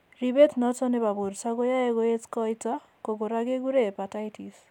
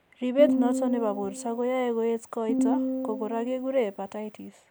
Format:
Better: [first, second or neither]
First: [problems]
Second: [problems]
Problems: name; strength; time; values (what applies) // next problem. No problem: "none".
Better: first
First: none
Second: background sound (Piano); 3 dB below the speech